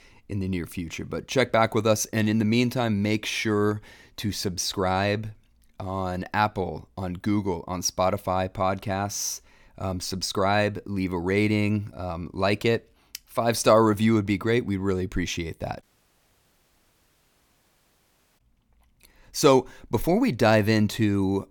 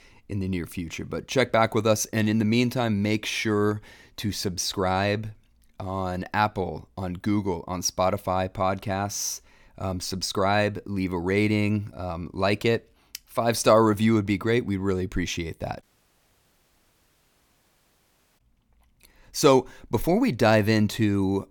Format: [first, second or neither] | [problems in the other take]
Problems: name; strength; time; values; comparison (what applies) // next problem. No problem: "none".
neither | audio cutting out; at 16 s for 2.5 s; the same in both